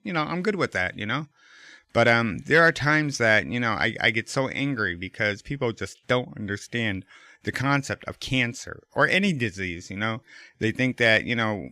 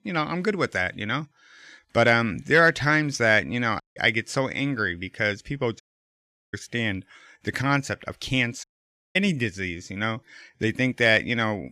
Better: first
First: none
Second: audio cutting out; at 4 s, at 6 s for 0.5 s and at 8.5 s for 0.5 s

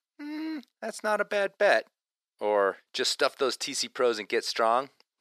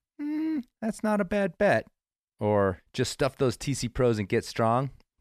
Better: second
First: thin; somewhat; fading below 400 Hz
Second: none

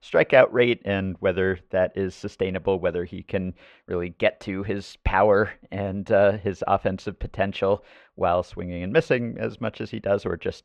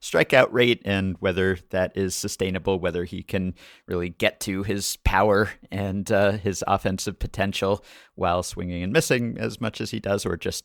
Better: second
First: muffled; very; fading above 2.5 kHz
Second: none

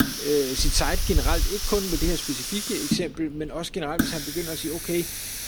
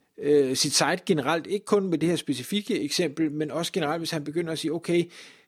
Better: second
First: hiss; loud; throughout; as loud as the speech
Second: none

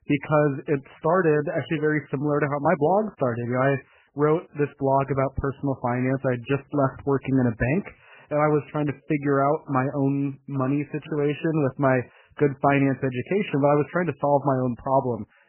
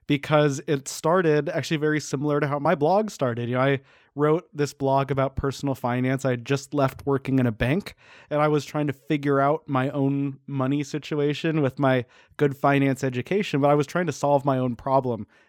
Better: second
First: garbled, watery; badly; nothing above 3 kHz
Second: none

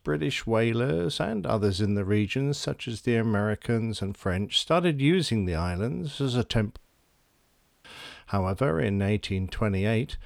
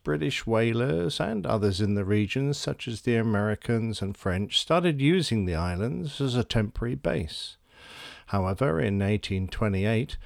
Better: second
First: audio cutting out; at 7 s for 1 s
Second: none

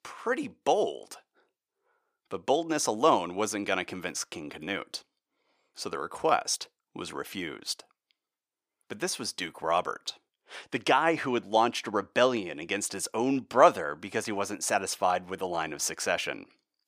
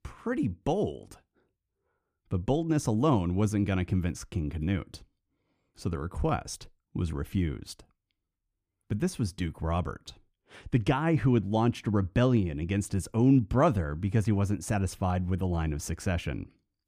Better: second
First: thin; very; fading below 600 Hz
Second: none

